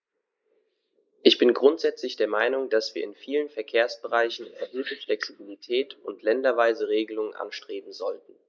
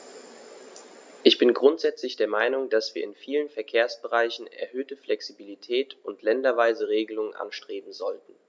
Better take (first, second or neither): second